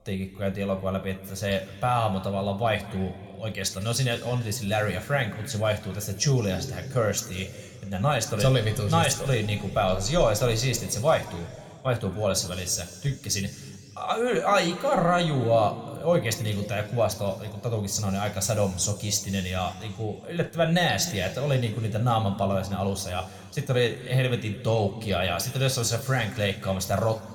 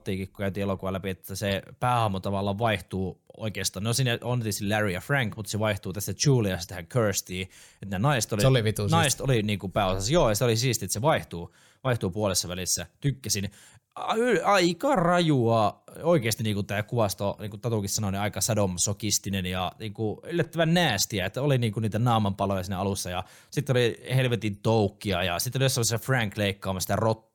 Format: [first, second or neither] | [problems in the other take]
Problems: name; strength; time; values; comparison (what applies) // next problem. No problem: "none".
second | room echo; slight; dies away in 1.7 s